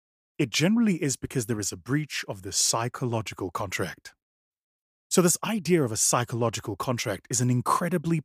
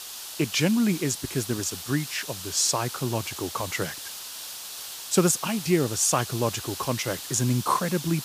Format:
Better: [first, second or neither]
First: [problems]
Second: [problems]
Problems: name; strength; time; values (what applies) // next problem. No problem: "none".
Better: first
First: none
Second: hiss; loud; throughout; 9 dB below the speech